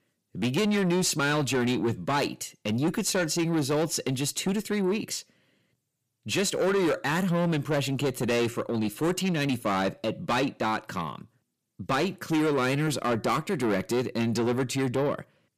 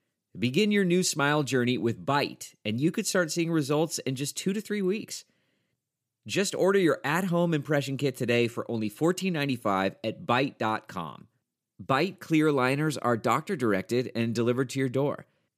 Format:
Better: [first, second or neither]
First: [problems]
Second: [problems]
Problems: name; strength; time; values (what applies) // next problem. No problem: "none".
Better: second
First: distortion; heavy; 8 dB below the speech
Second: none